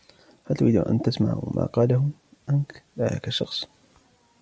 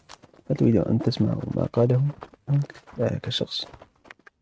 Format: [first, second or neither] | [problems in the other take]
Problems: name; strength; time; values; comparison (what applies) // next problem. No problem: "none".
first | noise reduction (neural mask model RNNoise)